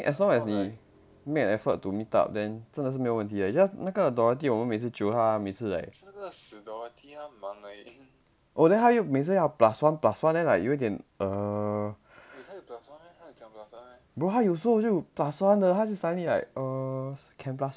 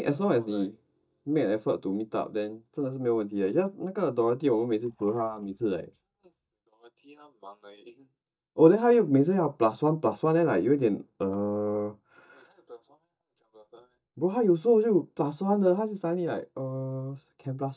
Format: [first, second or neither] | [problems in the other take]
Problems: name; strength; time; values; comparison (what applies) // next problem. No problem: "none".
first | noise reduction (neural mask model DeepFilterNet 3)